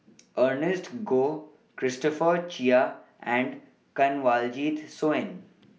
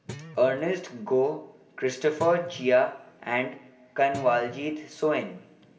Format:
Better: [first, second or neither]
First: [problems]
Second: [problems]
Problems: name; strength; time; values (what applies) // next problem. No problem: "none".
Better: first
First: none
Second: background sound (Guitar); 18 dB below the speech // room echo; dies away in 2.1 s